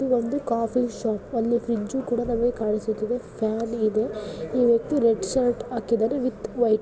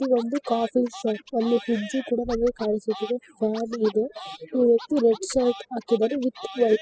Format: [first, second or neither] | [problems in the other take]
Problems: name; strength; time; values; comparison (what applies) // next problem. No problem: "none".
first | noise reduction (classical method spectral subtraction)